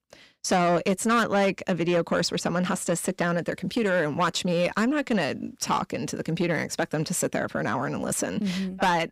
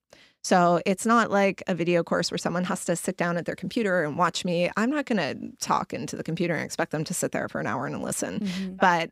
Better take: second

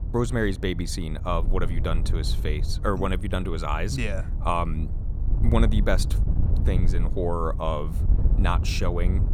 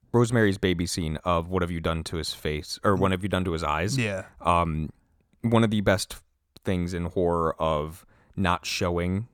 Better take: second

